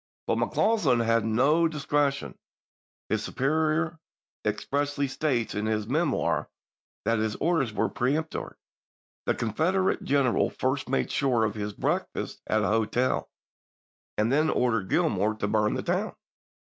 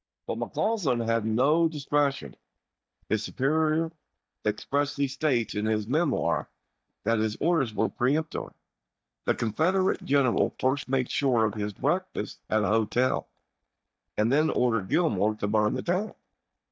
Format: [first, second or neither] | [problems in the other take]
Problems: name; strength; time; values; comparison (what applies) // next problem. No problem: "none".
first | noise reduction (neural mask model DeepFilterNet 3)